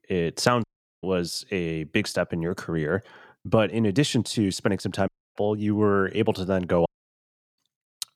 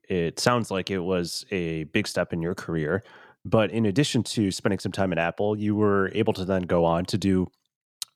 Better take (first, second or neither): second